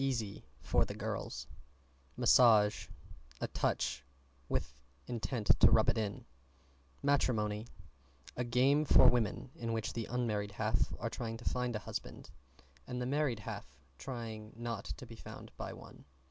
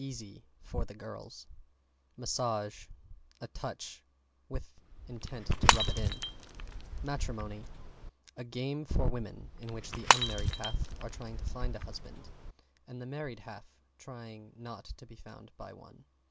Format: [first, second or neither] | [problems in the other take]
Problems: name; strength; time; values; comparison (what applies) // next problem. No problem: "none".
first | background sound (Shatter / Crushing); 4 dB above the speech